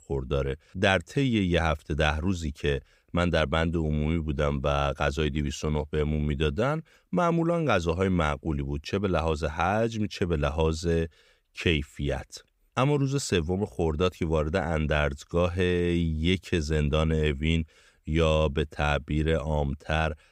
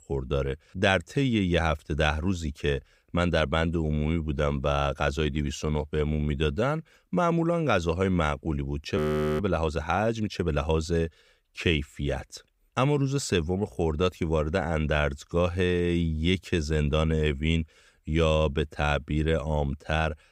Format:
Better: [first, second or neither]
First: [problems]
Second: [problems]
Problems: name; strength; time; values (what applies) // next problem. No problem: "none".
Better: first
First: none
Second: audio freezing; at 9 s